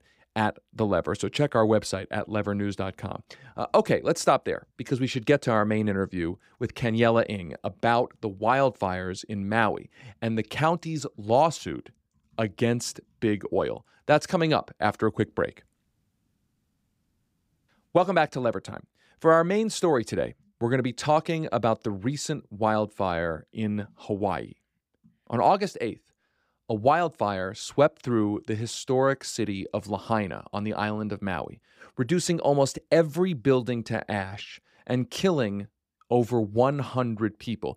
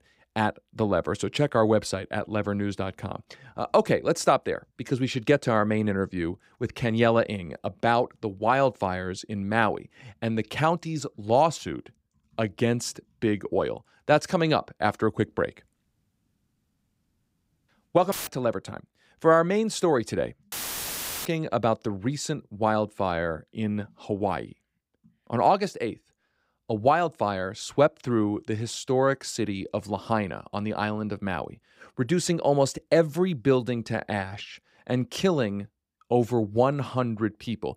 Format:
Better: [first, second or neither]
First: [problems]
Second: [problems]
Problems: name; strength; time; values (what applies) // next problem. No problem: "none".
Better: first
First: none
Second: audio cutting out; filled with static; at 18 s and at 21 s for 0.5 s